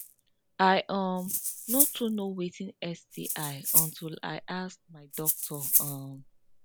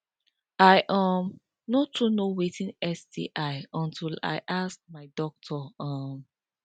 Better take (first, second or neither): second